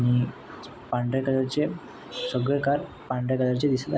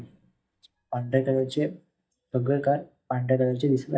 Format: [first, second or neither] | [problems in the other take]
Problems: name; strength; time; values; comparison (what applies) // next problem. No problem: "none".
first | noise reduction (neural mask model DeepFilterNet 3)